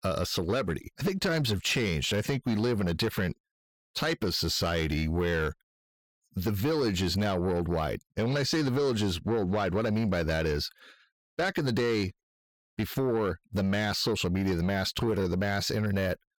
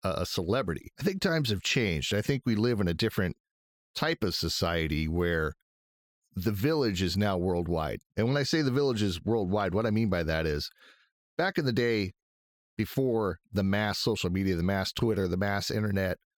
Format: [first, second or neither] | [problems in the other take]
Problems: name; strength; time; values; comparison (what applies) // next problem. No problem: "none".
second | distortion; slight; 10 dB below the speech